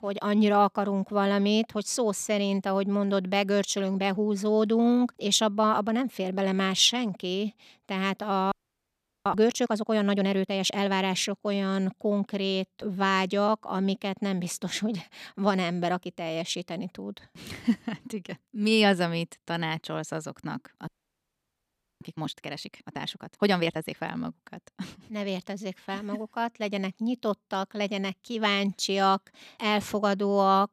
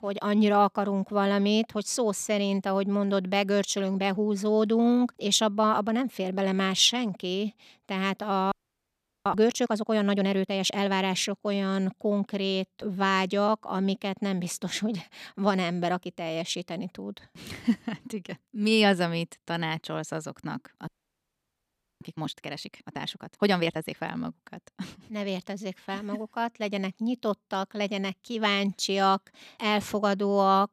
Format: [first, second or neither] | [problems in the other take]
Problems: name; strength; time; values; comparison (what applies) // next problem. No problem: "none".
neither | audio freezing; at 8.5 s for 0.5 s and at 21 s for 1 s; the same in both